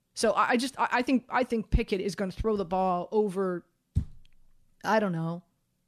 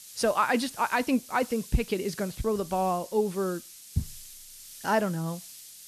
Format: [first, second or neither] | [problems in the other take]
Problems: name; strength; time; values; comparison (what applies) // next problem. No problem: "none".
first | hiss; noticeable; throughout; 15 dB below the speech